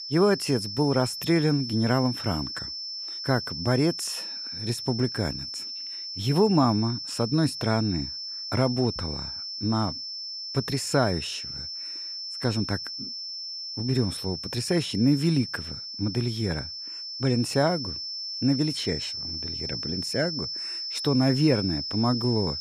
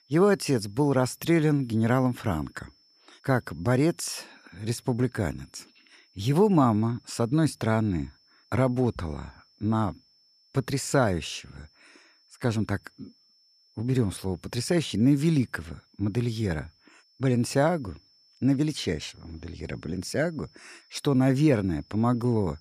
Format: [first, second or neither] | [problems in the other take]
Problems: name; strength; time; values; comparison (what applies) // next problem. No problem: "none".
second | high-pitched whine; loud; throughout; 5.5 kHz, 6 dB below the speech; faint in the second